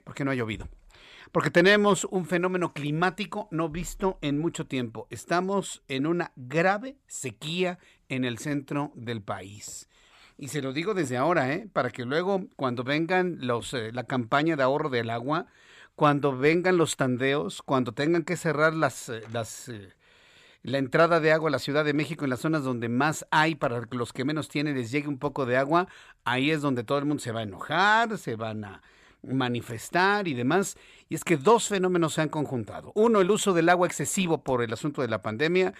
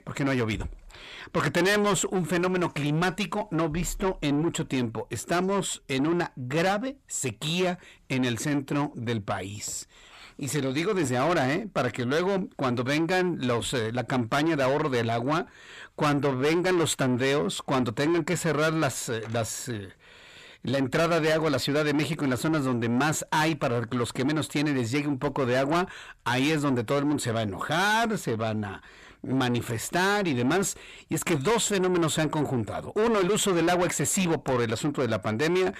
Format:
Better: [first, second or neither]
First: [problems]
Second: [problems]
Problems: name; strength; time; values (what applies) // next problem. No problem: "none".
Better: first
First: none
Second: distortion; heavy; 7 dB below the speech